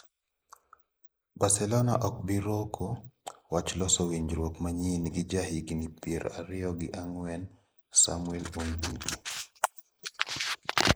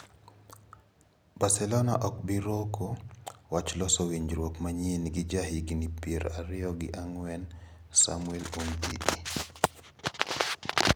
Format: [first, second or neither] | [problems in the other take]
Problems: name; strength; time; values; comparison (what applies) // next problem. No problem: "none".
second | noise reduction (neural mask model Resemble Enhance denoiser)